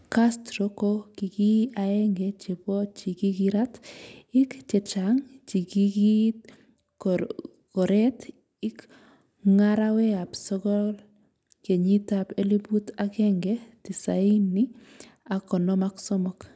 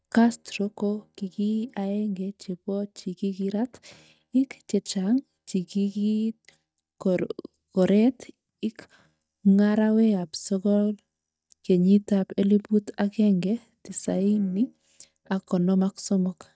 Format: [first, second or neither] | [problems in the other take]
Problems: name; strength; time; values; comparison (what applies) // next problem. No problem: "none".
first | noise reduction (neural mask model DeepFilterNet 3)